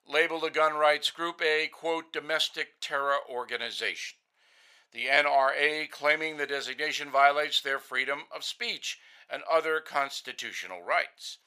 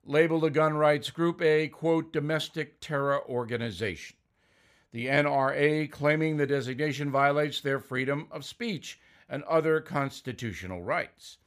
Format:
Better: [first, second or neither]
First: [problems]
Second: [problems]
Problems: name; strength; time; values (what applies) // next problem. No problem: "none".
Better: second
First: thin; very; fading below 750 Hz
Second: none